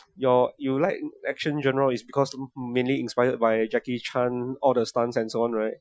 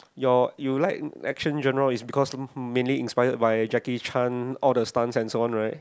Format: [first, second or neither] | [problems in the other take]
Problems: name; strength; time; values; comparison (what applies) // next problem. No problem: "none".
second | noise reduction (classical method Wiener filter)